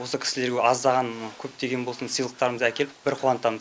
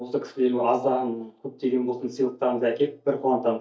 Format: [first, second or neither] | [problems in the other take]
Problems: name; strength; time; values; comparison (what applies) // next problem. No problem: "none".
first | noise reduction (neural mask model DeepFilterNet 3)